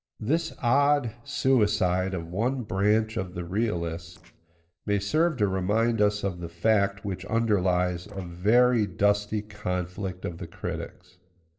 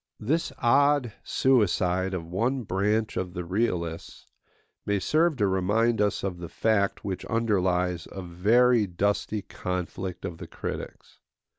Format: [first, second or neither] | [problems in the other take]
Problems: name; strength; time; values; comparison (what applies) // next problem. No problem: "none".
second | noise reduction (neural separator model SepFormer DNS4)